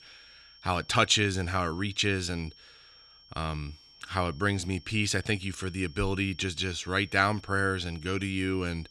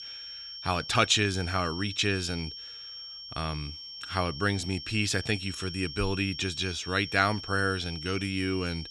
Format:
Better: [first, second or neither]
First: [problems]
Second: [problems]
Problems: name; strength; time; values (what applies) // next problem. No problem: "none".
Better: first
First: high-pitched whine; faint; throughout; 5.5 kHz, 25 dB below the speech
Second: high-pitched whine; loud; throughout; 5.5 kHz, 10 dB below the speech